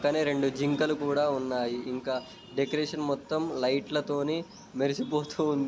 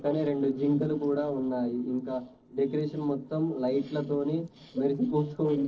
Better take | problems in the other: first | noise reduction (neural separator model SepFormer DNS4)

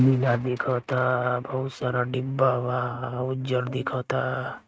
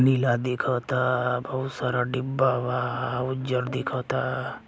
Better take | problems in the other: second | noise reduction (neural mask model RNNoise)

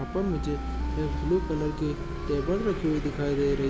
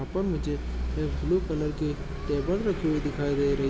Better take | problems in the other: second | background sound (Wind instrument, woodwind instrument); 14 dB below the speech

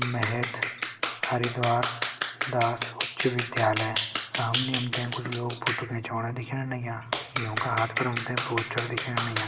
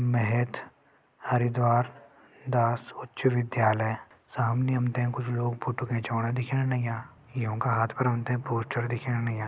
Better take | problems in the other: second | background sound (Clapping); 3 dB below the speech // room echo; dies away in 1.1 s

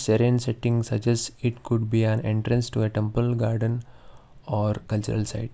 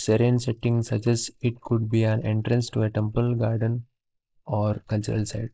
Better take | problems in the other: first | noise reduction (neural mask model Resemble Enhance denoiser)

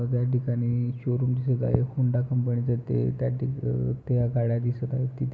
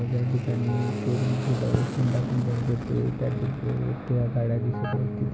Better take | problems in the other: first | background sound (Keyboard (musical) + Aircraft); 6 dB below the speech

